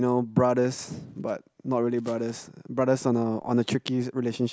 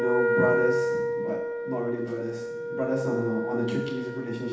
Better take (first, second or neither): first